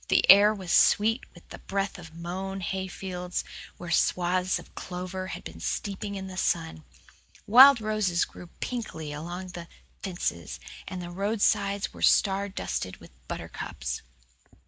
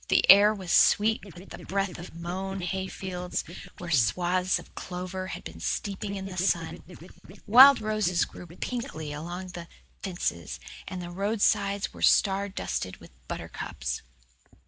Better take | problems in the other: first | background sound (Scratching (performance technique)); 12 dB below the speech

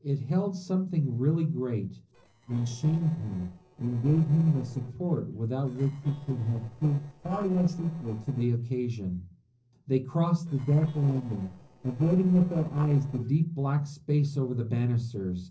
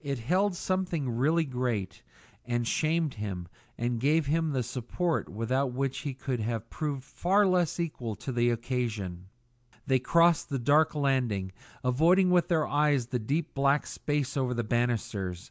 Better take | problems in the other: second | noise reduction (neural separator model SepFormer DNS4)

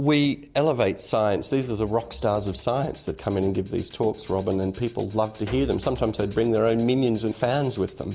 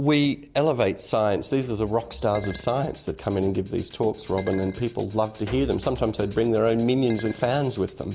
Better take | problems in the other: first | background sound (Chink, clink); 19 dB below the speech

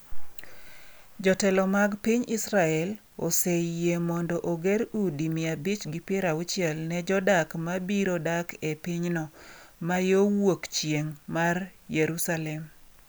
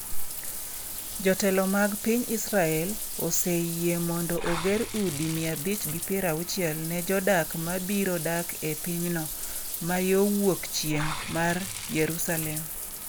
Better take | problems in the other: first | background sound (Bathtub (filling or washing) / Water); 7 dB below the speech

